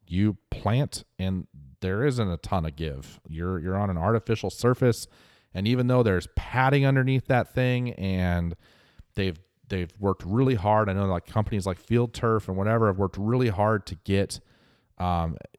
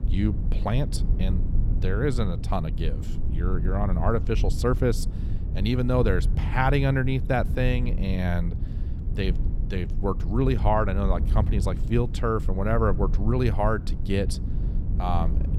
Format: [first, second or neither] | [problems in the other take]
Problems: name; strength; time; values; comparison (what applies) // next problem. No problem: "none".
first | low rumble; noticeable; throughout; 15 dB below the speech